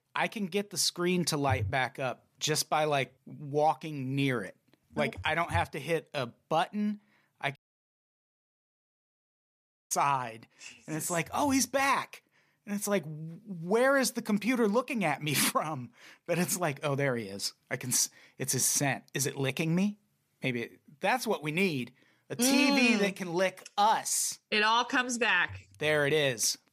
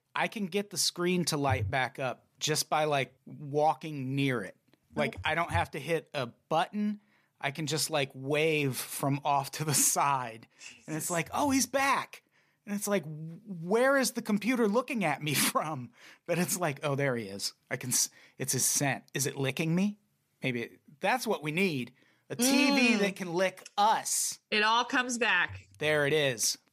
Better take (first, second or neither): second